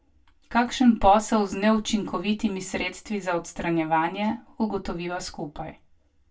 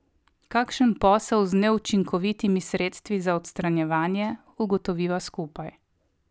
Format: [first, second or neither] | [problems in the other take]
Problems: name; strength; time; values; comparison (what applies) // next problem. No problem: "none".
second | room echo; dies away in 0.2 s